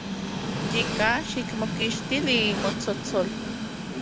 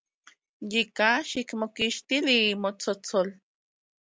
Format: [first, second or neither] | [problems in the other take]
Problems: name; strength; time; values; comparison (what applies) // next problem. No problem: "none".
second | background sound (Train); 2 dB below the speech